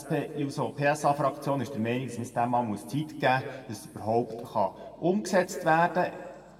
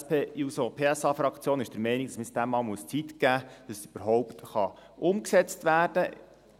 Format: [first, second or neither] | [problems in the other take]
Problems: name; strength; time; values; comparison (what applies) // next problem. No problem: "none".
second | room echo; dies away in 1.7 s